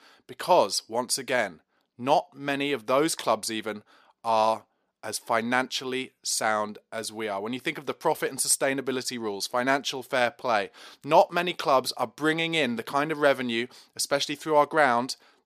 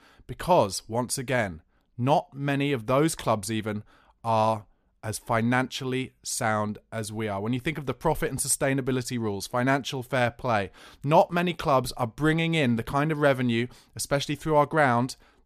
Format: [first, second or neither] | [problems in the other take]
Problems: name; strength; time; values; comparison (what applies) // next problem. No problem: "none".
second | thin; very slightly; fading below 300 Hz